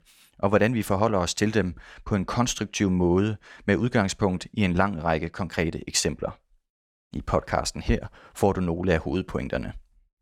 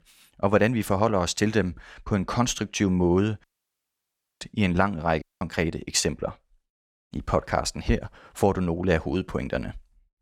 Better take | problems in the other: first | audio cutting out; at 3.5 s for 1 s and at 5 s

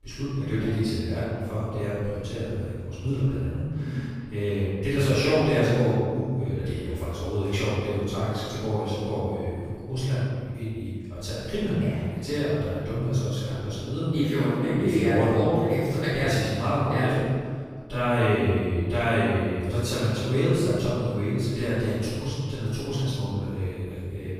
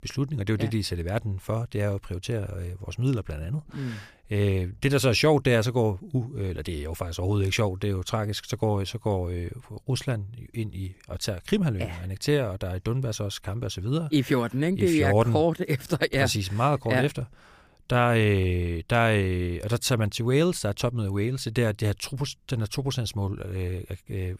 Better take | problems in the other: second | off-mic speech; far // room echo; strong; dies away in 1.7 s

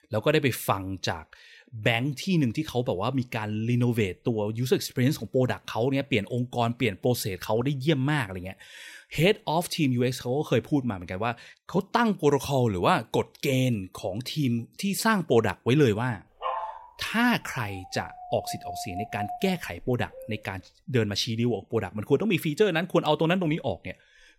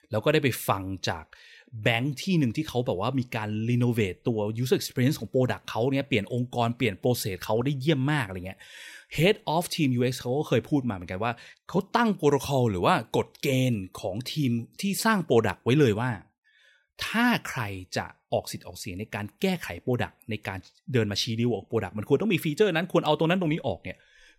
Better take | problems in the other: second | dog barking; noticeable; from 16 to 20 s; peak 5 dB below the speech

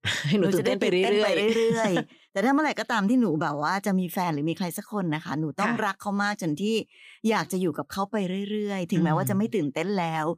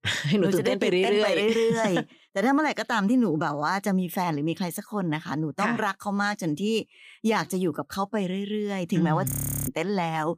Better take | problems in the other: first | audio freezing; at 9.5 s

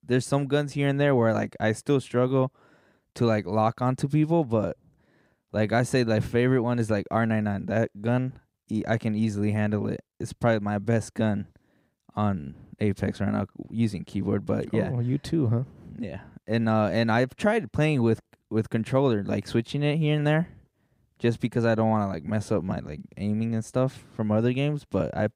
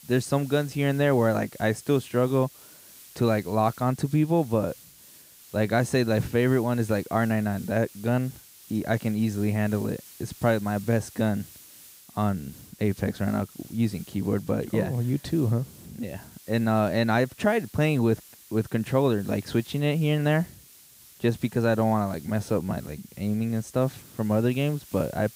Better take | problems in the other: first | hiss; faint; throughout; 20 dB below the speech

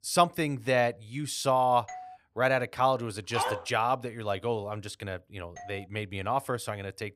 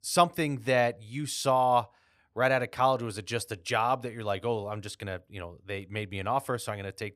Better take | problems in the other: second | doorbell; faint; at 2 s and at 5.5 s; peak 15 dB below the speech // dog barking; noticeable; at 3.5 s; peak 2 dB below the speech

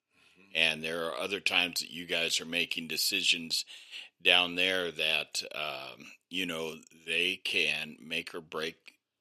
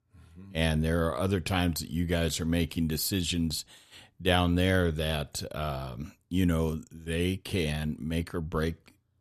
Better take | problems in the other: second | thin; somewhat; fading below 400 Hz

